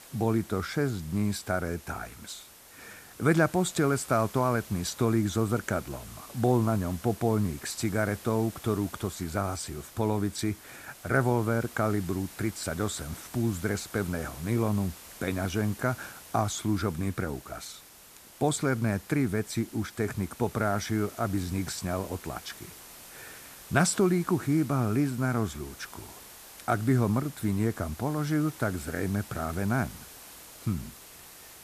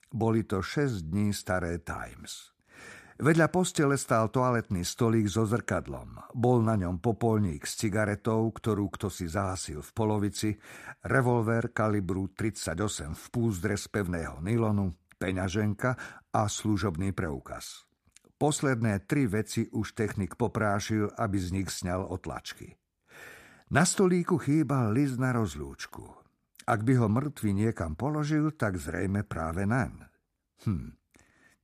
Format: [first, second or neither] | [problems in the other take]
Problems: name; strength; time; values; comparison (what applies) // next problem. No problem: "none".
second | hiss; noticeable; throughout; 15 dB below the speech